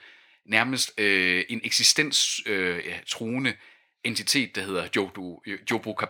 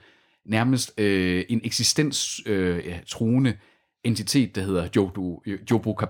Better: second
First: thin; somewhat; fading below 650 Hz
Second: none

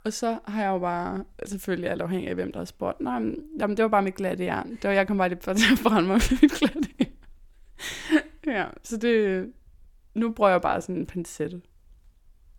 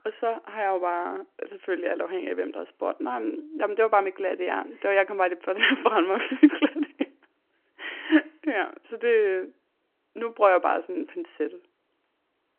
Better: first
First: none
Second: phone-call audio; nothing above 3 kHz

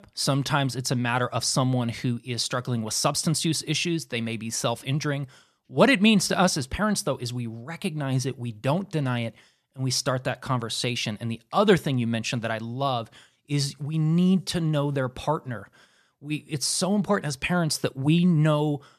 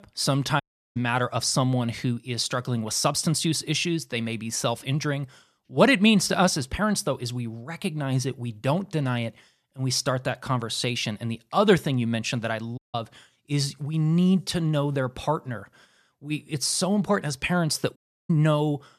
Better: first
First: none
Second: audio cutting out; at 0.5 s, at 13 s and at 18 s

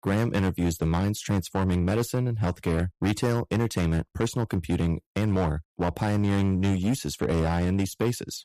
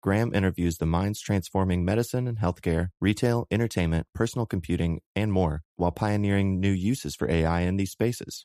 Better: second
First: distortion; slight; 11% of the sound clipped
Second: none

